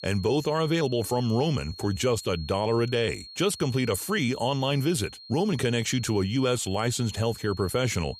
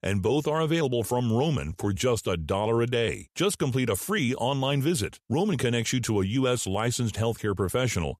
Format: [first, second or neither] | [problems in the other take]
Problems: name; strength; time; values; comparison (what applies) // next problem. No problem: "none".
second | high-pitched whine; noticeable; throughout; 4.5 kHz, 15 dB below the speech